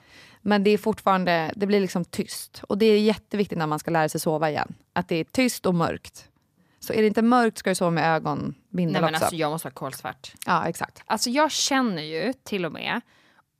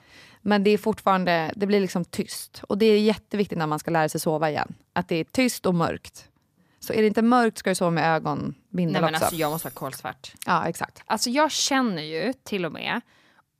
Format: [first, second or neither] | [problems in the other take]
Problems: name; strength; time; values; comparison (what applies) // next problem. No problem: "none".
first | jangling keys; faint; at 9 s; peak 10 dB below the speech